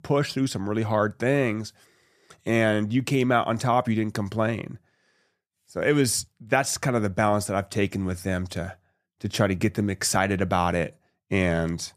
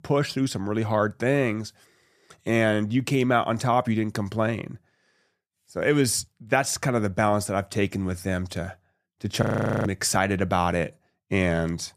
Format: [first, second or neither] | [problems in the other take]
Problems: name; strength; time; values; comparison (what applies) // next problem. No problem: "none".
first | audio freezing; at 9.5 s